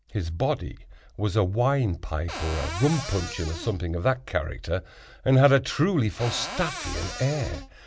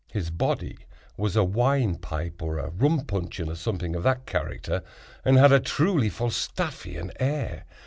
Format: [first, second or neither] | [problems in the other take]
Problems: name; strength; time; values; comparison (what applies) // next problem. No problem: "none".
second | background sound (Cupboard open or close); 10 dB below the speech